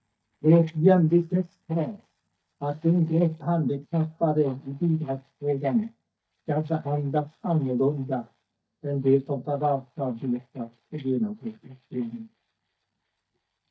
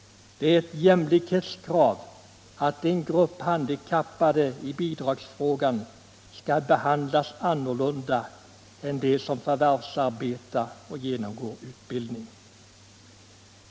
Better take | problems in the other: second | noise reduction (neural mask model DeepFilterNet 3)

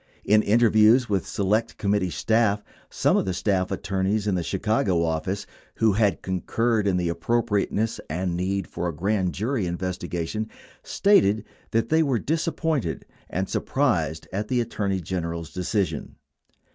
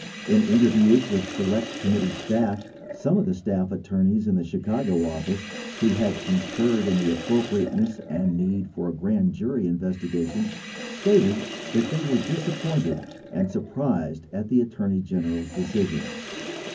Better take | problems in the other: first | background sound (Sink (filling or washing)); 12 dB below the speech // room echo; dies away in 0.3 s

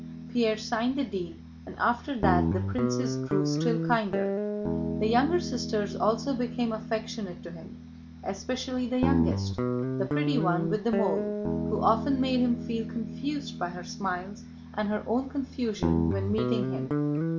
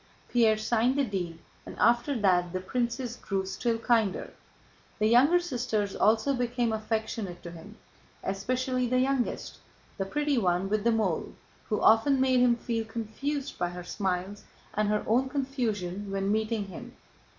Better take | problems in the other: second | background sound (Guitar); 1 dB below the speech

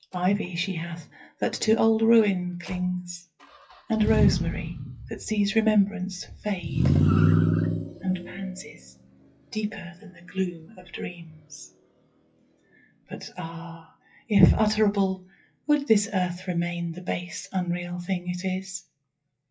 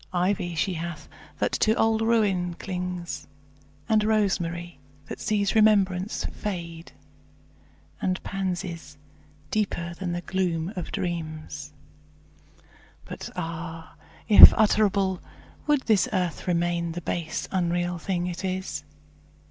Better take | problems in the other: second | noise reduction (classical method WPE with log-MMSE)

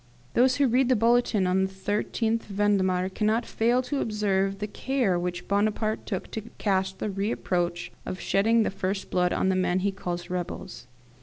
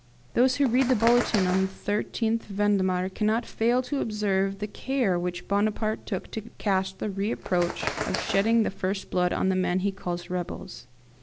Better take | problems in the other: first | background sound (Bird); 9 dB below the speech

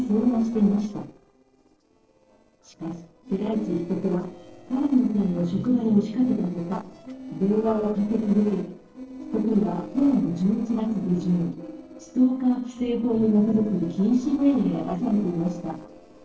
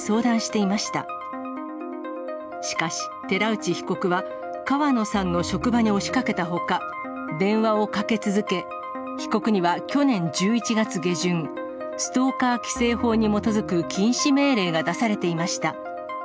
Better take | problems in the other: second | noise reduction (neural separator model SepFormer DNS4)

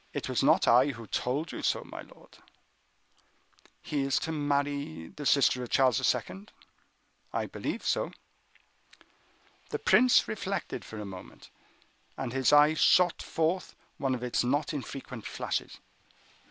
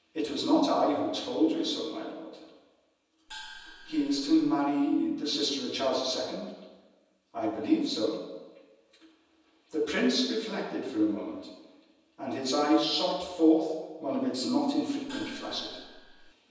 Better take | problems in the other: first | background sound (Gong); 17 dB below the speech // room echo; dies away in 1.1 s

